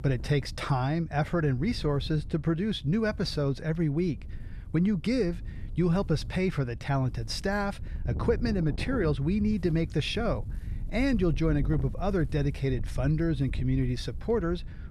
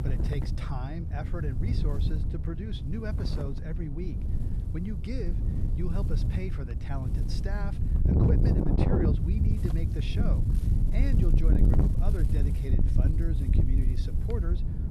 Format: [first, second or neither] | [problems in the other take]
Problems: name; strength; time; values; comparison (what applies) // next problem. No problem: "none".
first | wind noise on the microphone; heavy; 1 dB above the speech; occasional gusts in the first